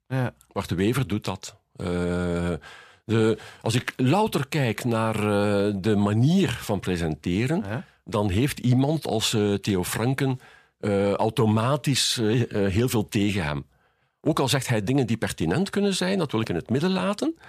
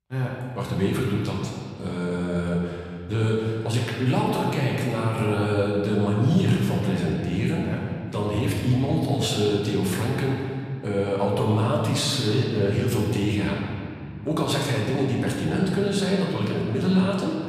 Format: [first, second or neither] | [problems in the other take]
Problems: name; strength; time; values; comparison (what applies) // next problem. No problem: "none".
first | room echo; noticeable; dies away in 2.1 s // off-mic speech; far